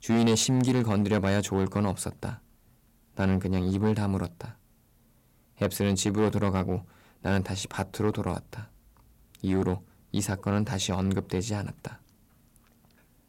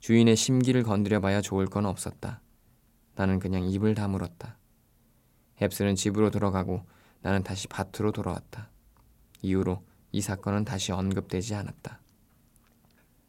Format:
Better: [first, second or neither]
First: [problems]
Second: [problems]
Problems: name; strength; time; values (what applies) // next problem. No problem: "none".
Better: second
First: distortion; slight; 3% of the sound clipped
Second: none